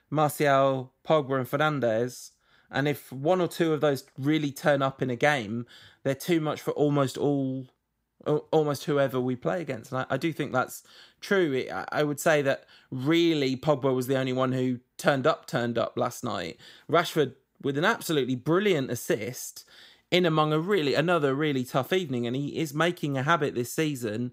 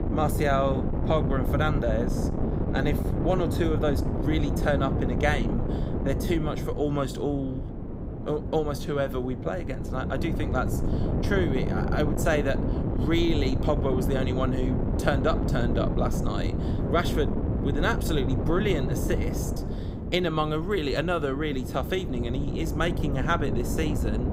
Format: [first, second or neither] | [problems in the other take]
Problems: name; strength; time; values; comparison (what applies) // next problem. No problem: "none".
first | wind noise on the microphone; heavy; 6 dB below the speech